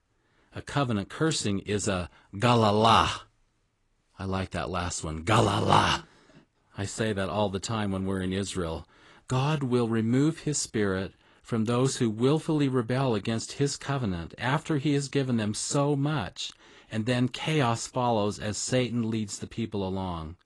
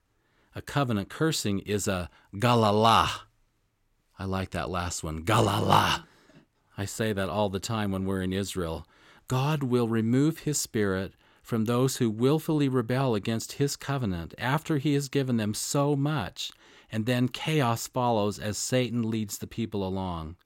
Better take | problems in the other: second | garbled, watery; slightly

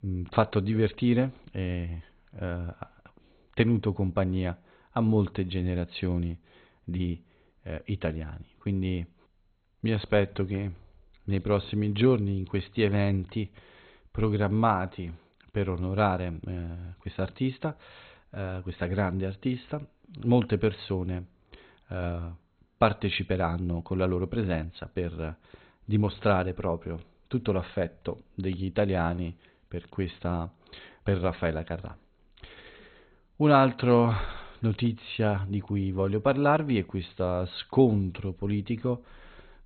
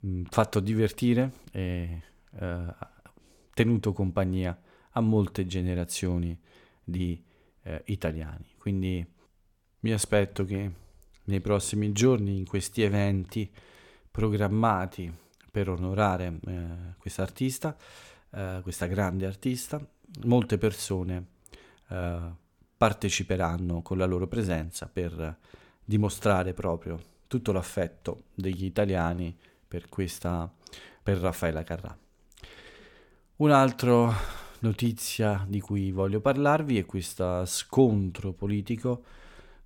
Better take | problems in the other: second | garbled, watery; badly; nothing above 4 kHz

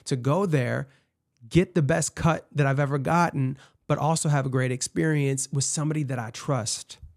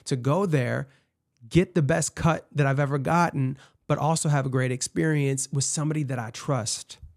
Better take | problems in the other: neither | none

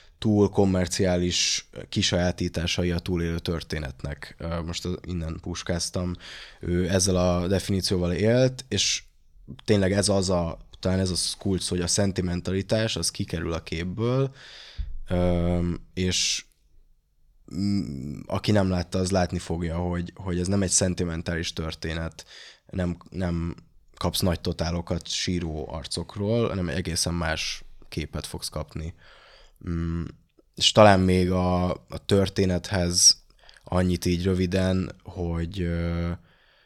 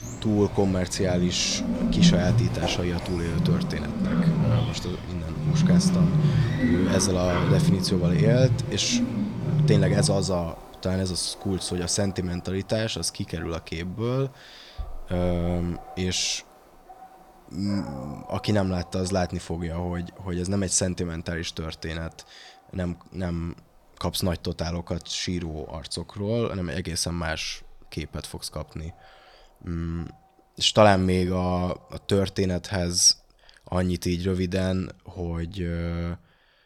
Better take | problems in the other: first | animal sounds; very loud; throughout; 2 dB above the speech

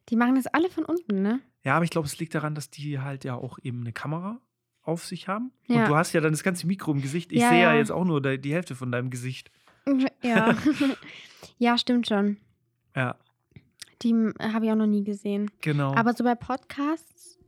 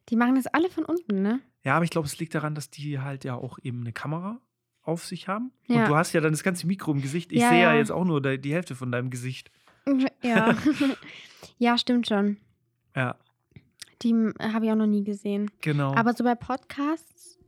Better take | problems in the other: neither | none

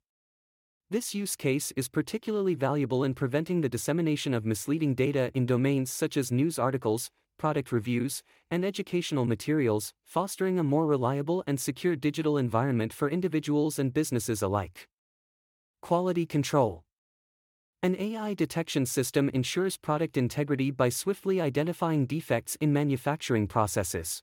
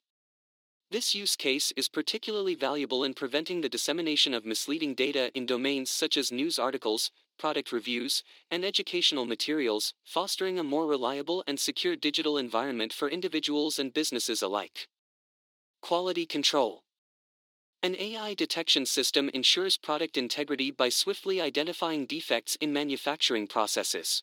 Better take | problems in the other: first | thin; very slightly; fading below 250 Hz

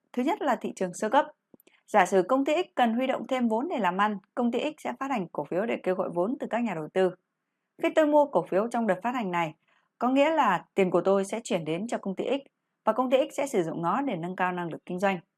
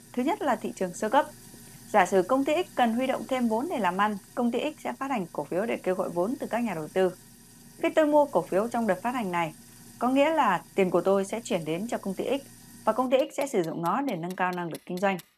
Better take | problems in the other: first | household noises; faint; throughout; 20 dB below the speech

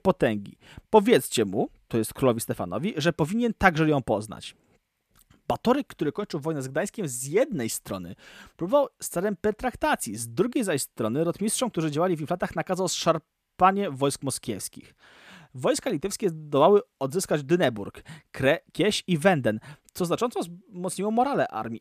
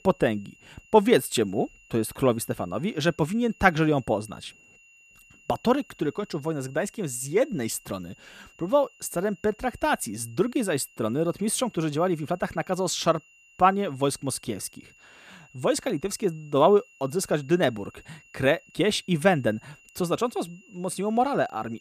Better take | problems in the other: first | high-pitched whine; faint; throughout; 2.5 kHz, 30 dB below the speech

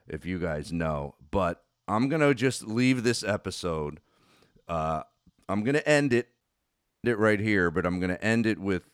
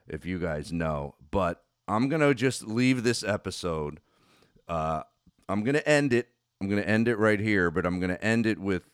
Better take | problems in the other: second | audio cutting out; at 6.5 s for 0.5 s

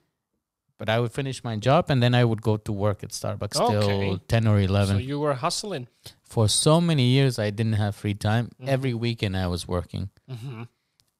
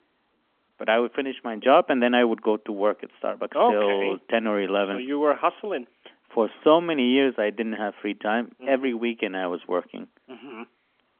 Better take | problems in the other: first | phone-call audio; nothing above 3.5 kHz

